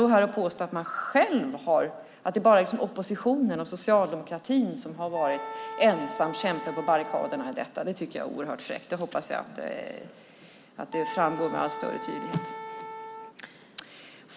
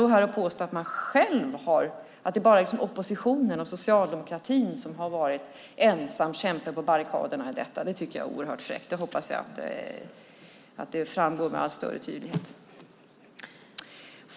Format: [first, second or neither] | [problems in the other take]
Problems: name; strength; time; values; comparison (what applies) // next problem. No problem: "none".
second | background sound (Wind instrument, woodwind instrument); 11 dB below the speech